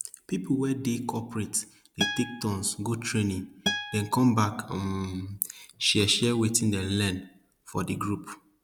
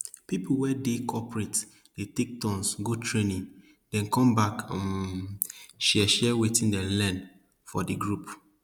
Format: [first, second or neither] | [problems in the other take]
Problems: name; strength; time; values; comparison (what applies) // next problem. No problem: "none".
second | background sound (Acoustic guitar); 7 dB below the speech